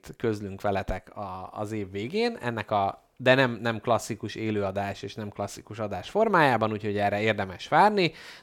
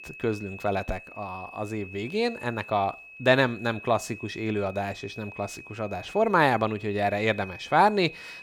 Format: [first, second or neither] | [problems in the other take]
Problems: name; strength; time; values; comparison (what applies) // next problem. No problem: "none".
first | high-pitched whine; noticeable; throughout; 2.5 kHz, 15 dB below the speech